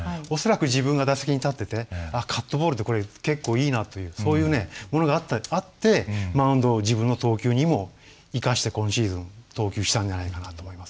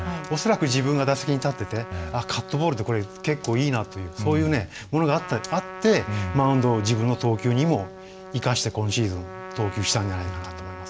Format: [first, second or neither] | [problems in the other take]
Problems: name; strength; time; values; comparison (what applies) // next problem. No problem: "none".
first | background sound (Trumpet); 15 dB below the speech